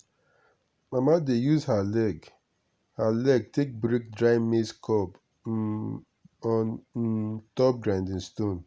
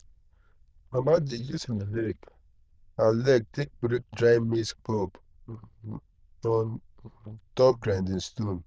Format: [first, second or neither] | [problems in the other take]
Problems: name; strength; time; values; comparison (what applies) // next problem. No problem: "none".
first | noise reduction (neural diffusion model UNIVERSE++)